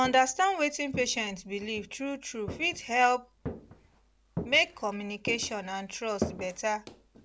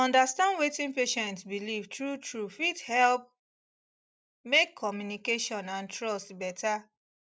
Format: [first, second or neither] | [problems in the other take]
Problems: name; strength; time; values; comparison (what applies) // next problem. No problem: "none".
second | background sound (Walk, footsteps); 12 dB below the speech